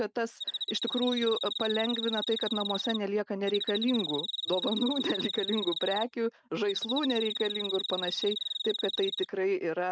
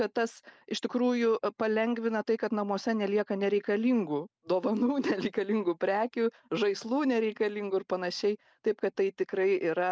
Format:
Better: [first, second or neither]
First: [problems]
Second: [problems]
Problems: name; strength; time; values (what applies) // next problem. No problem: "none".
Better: second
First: background sound (Cricket); 4 dB below the speech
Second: none